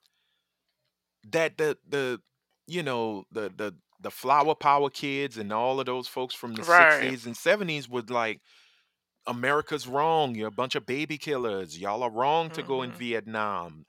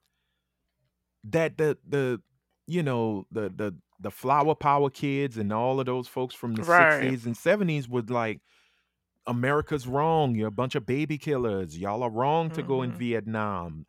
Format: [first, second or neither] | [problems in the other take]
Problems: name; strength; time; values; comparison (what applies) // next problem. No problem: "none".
second | thin; somewhat; fading below 1 kHz